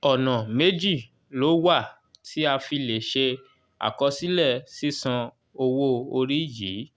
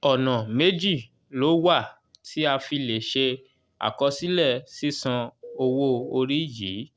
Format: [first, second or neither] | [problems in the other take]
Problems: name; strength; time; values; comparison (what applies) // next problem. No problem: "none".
first | noise reduction (neural separator model SepFormer DNS4)